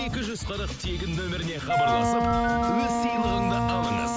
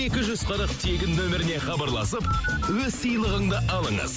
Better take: second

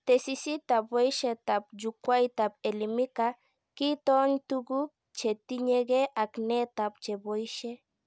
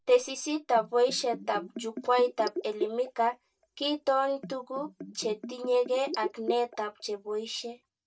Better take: first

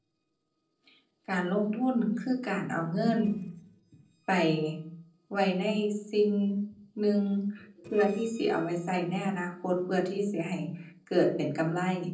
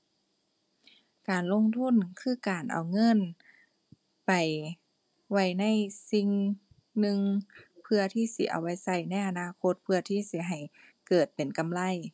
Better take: second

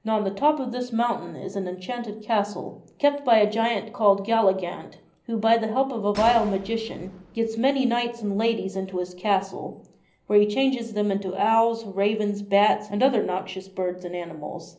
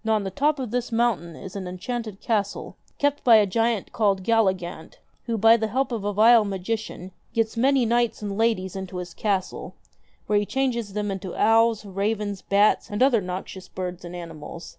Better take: second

